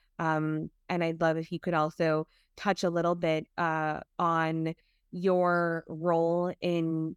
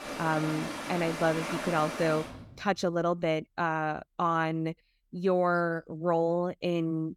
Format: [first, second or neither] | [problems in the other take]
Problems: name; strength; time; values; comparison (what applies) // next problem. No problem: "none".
first | rain or running water; loud; until 2.5 s; 7 dB below the speech